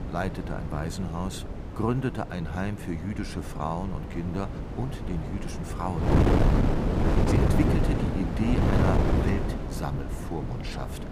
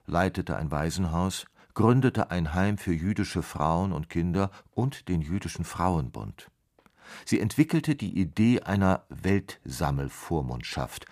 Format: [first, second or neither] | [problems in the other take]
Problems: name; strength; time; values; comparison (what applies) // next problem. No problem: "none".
second | wind noise on the microphone; heavy; 2 dB above the speech